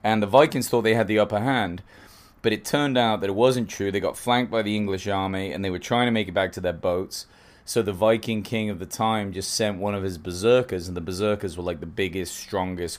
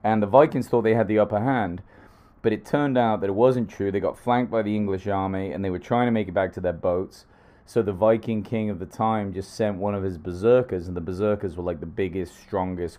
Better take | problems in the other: first | muffled; very; fading above 2 kHz

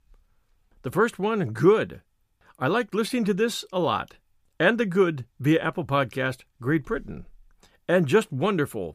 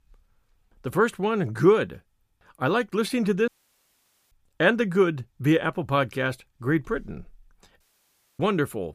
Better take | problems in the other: first | audio cutting out; at 3.5 s for 1 s and at 8 s for 0.5 s

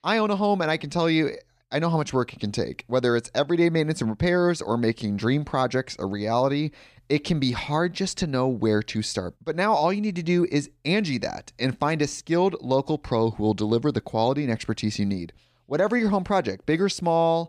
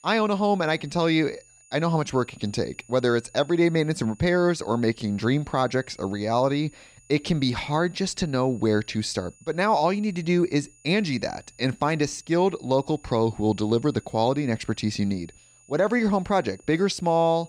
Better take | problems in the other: first | high-pitched whine; faint; throughout; 7 kHz, 30 dB below the speech

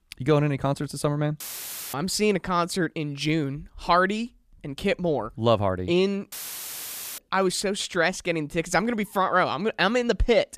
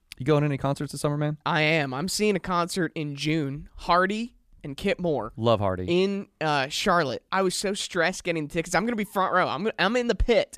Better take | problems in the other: second | audio cutting out; filled with static; at 1.5 s for 0.5 s and at 6.5 s for 1 s

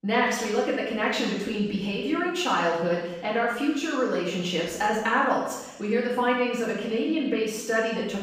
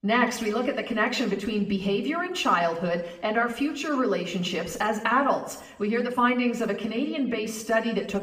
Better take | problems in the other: second | room echo; strong; dies away in 0.9 s; slight in the second // off-mic speech; far; far in the second

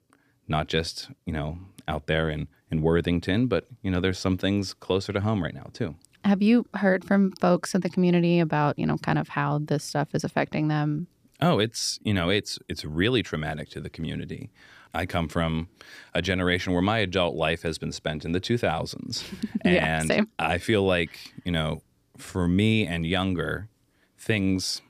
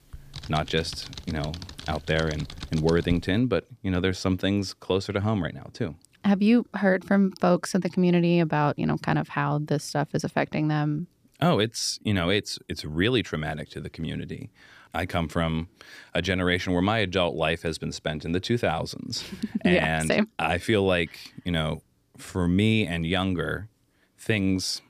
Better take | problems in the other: first | keyboard typing; faint; until 3 s; peak 10 dB below the speech

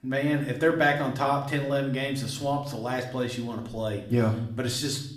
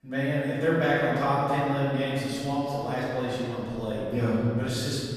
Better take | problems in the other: first | room echo; strong; dies away in 2.6 s; slight in the first // off-mic speech; far; somewhat distant in the first

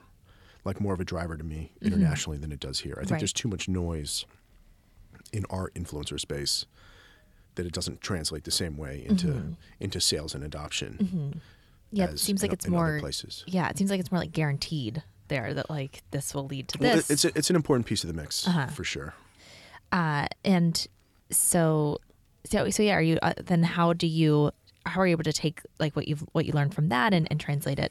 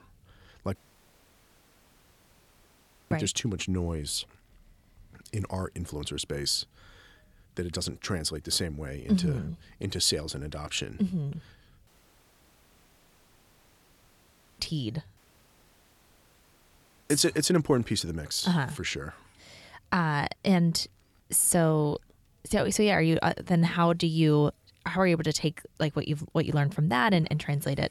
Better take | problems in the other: first | audio cutting out; at 1 s for 2.5 s, at 12 s for 2.5 s and at 15 s for 2 s

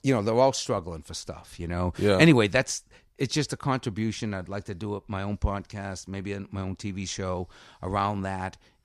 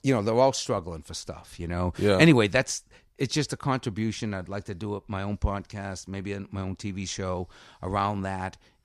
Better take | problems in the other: neither | none

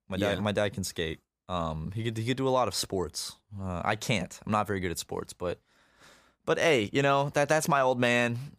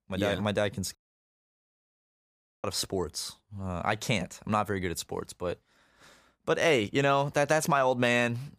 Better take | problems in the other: first | audio cutting out; at 1 s for 1.5 s

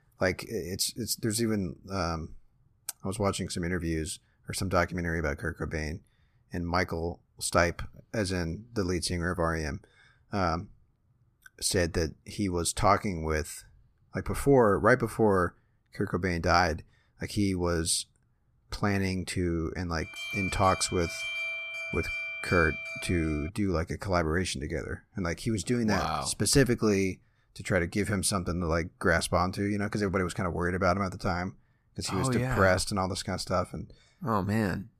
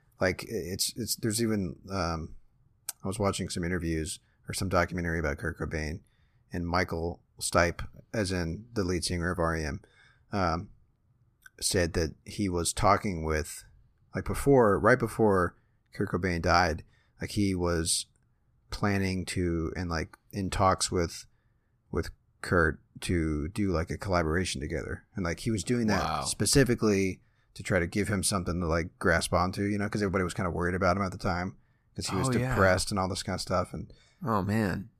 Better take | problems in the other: second | alarm; noticeable; from 20 to 23 s; peak 2 dB below the speech

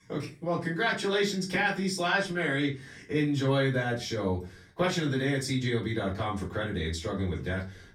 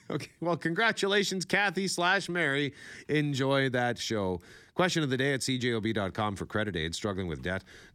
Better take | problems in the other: second | off-mic speech; far // room echo; slight; dies away in 0.3 s

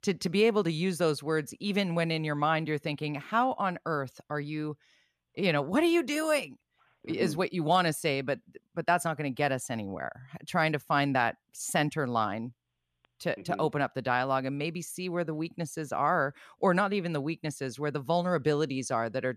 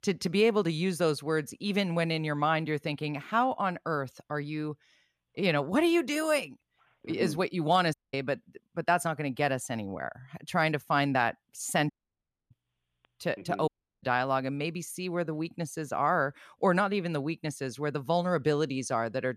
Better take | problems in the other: first | audio cutting out; at 8 s, at 12 s for 0.5 s and at 14 s

